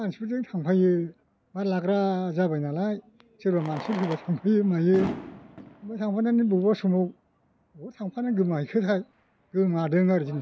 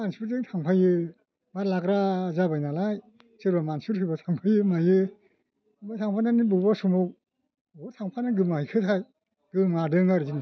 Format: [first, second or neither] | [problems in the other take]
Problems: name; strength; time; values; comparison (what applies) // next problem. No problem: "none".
second | background sound (Fireworks); 17 dB below the speech